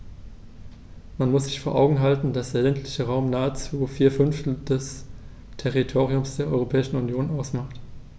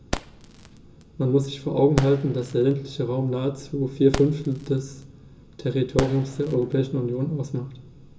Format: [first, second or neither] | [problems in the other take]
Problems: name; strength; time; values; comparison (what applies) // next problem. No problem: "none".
first | background sound (Fireworks); 11 dB below the speech // room echo; dies away in 0.2 s